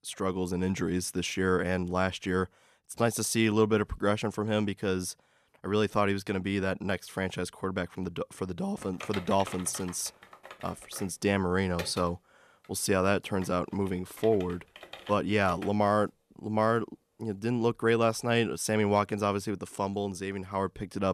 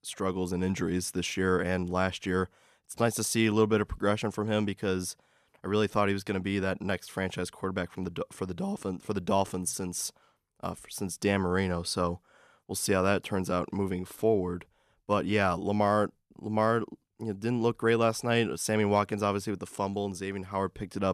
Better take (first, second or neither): second